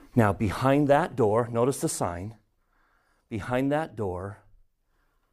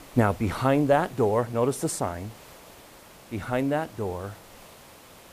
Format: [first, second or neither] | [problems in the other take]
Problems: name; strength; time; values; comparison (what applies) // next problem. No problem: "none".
first | hiss; faint; throughout; 20 dB below the speech